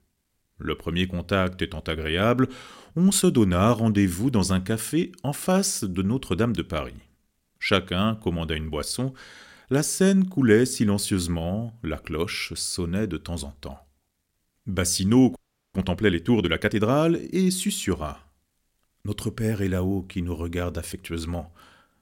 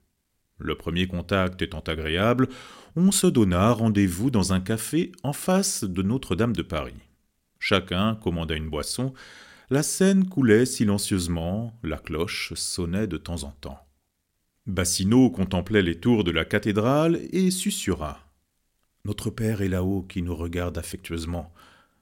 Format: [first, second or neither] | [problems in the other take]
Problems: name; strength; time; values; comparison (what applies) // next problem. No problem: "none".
second | audio freezing; at 15 s